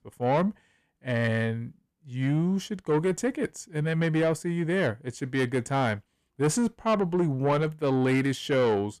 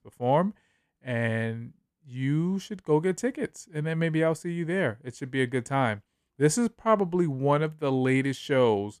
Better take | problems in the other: second | distortion; slight; 10 dB below the speech

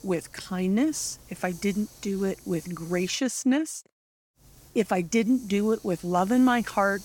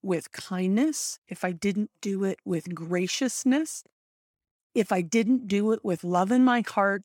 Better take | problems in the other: second | hiss; faint; until 3 s and from 4.5 s on; 20 dB below the speech

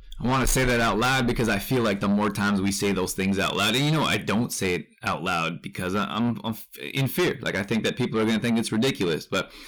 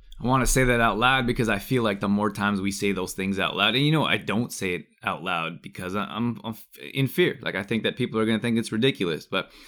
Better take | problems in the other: second | distortion; heavy; 7 dB below the speech

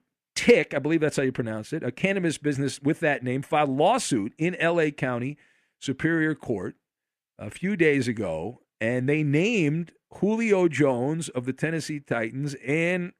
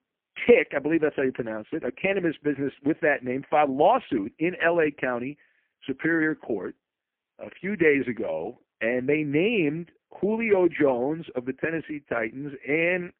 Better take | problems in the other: first | phone-call audio; poor line

